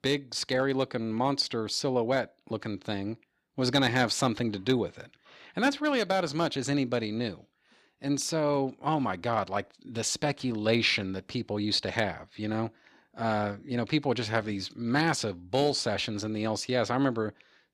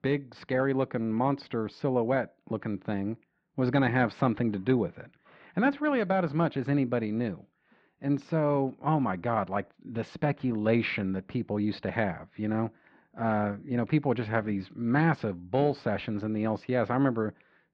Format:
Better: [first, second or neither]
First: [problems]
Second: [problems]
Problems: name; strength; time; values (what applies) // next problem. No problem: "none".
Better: first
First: none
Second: muffled; very; fading above 2 kHz